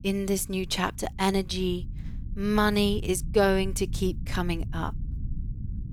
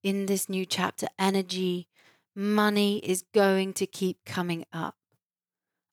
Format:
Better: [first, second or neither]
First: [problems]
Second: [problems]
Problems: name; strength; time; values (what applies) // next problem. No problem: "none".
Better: second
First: low rumble; faint; throughout; 20 dB below the speech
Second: none